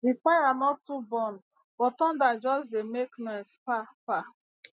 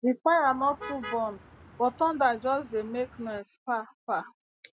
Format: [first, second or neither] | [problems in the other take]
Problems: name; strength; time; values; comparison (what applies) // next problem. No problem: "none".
first | background sound (Motor vehicle (road)); 17 dB below the speech